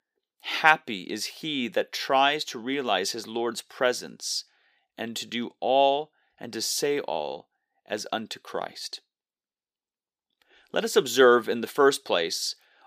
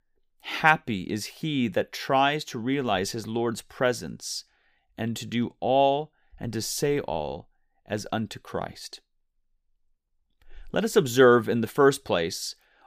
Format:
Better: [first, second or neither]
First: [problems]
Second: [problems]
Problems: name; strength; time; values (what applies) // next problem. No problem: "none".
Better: second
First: thin; very slightly; fading below 300 Hz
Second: none